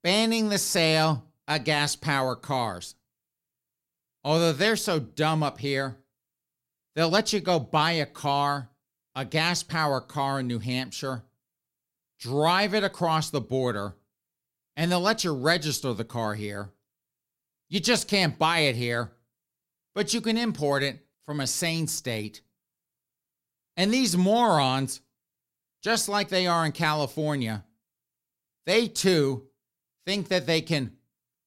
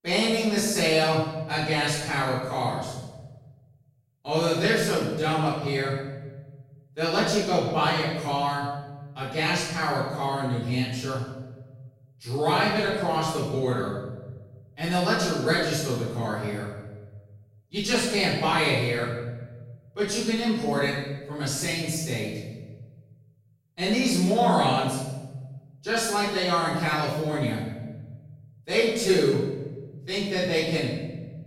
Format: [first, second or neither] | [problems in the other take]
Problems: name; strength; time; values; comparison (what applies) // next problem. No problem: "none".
first | off-mic speech; far // room echo; strong; dies away in 1.1 s